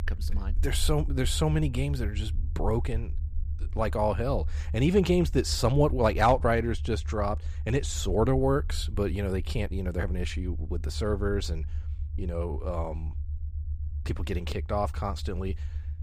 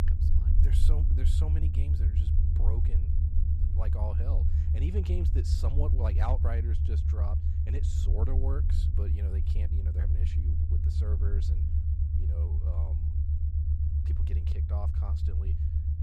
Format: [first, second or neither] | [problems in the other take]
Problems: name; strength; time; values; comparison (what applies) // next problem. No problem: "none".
first | low rumble; loud; throughout; 1 dB below the speech; faint in the first